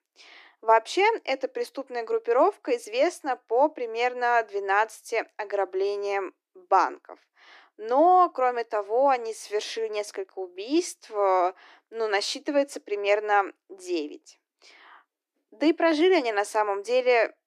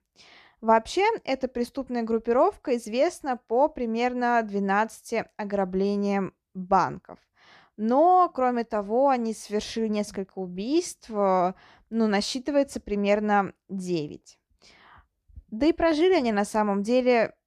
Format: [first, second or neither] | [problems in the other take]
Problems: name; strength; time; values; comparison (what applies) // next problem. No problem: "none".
second | thin; somewhat; fading below 300 Hz